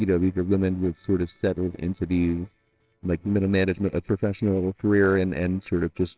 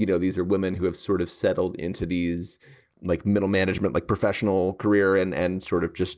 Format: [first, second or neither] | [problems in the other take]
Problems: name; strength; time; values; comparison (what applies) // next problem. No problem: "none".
second | noise reduction (neural separator model SepFormer WHAMR!)